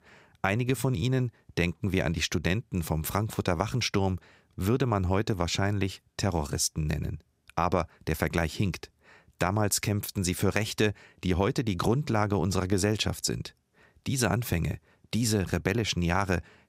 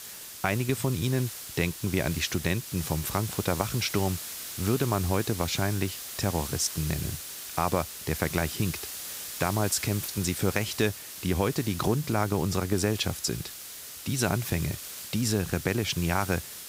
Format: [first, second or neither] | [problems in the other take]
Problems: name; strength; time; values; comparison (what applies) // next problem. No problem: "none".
first | hiss; loud; throughout; 8 dB below the speech